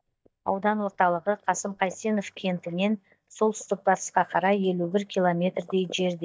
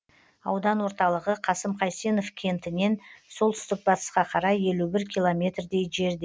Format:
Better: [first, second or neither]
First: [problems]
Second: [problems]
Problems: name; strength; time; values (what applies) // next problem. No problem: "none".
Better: second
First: noise reduction (neural mask model DeepFilterNet 3)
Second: none